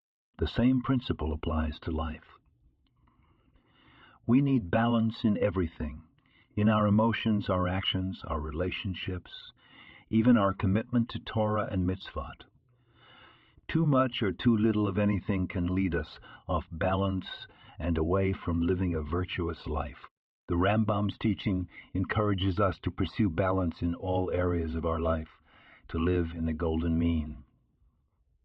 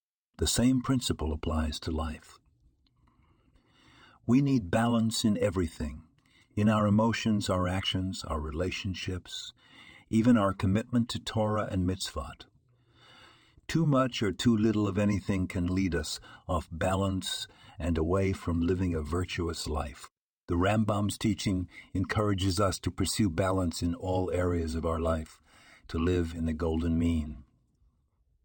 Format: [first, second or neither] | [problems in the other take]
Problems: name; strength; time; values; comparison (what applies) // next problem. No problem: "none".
second | muffled; very; fading above 3 kHz